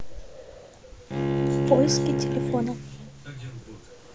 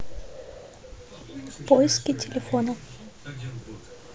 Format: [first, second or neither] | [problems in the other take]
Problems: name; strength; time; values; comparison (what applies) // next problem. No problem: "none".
second | background sound (Bowed string instrument); 2 dB above the speech